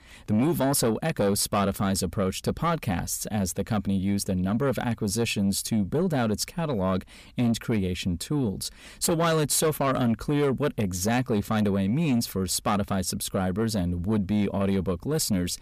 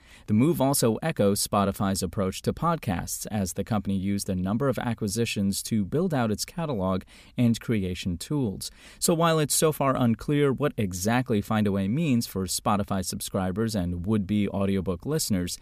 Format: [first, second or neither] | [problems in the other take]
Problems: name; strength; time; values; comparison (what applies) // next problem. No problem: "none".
second | distortion; slight; 10 dB below the speech